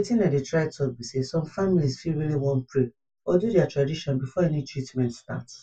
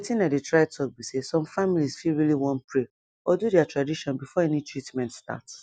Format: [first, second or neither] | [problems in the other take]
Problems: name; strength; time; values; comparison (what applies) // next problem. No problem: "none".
second | room echo; dies away in 0.1 s